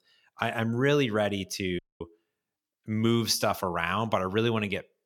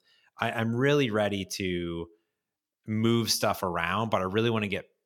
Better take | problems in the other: second | audio cutting out; at 2 s

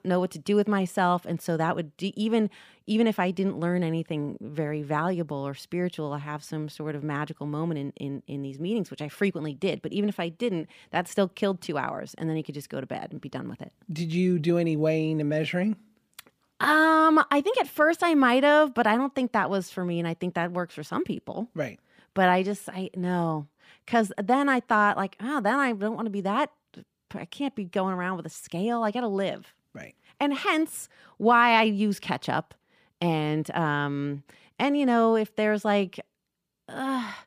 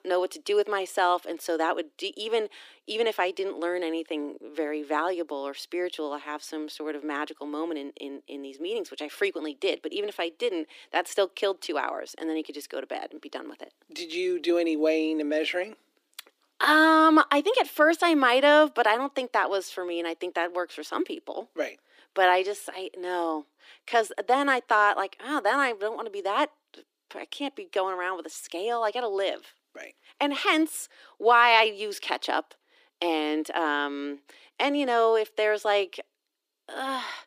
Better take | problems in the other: first | thin; somewhat; fading below 300 Hz

